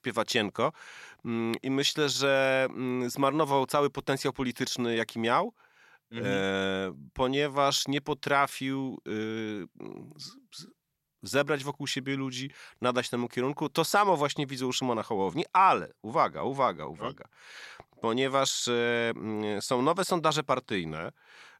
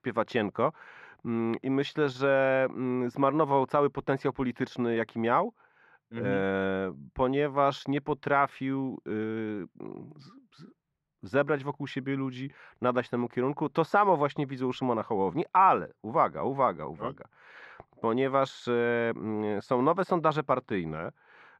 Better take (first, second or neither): first